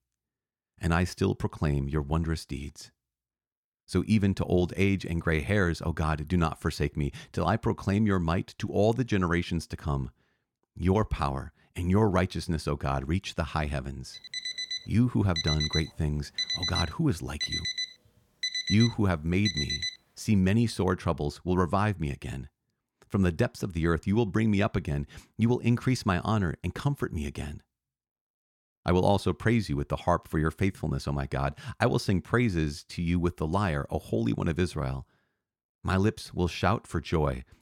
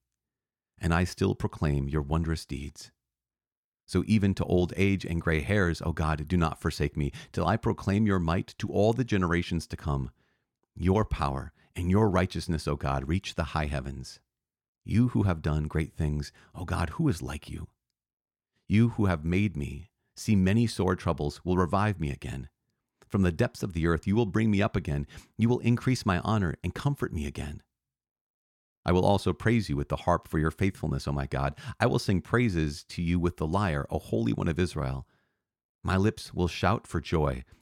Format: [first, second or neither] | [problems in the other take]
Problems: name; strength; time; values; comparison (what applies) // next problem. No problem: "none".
second | alarm; loud; from 14 to 20 s; peak level with the speech